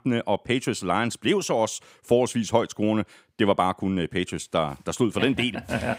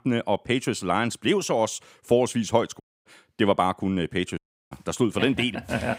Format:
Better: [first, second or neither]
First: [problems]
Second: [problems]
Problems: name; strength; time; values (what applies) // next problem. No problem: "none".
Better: first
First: none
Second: audio cutting out; at 3 s and at 4.5 s